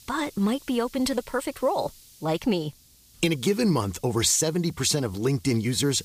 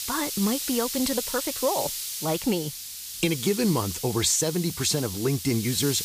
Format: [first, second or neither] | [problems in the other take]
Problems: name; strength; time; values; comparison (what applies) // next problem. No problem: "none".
first | hiss; loud; throughout; 5 dB below the speech; faint in the first